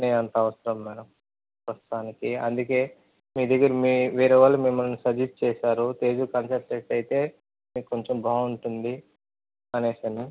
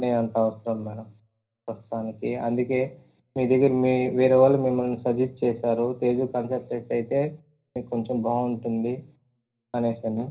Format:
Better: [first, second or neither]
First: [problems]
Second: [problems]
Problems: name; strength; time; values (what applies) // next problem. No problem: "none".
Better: first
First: none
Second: room echo; dies away in 0.5 s